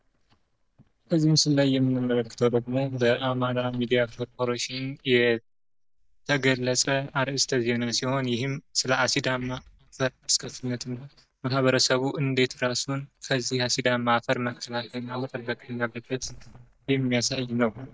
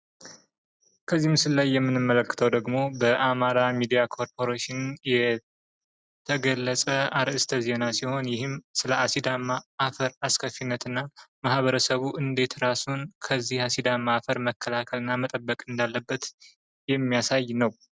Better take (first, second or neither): second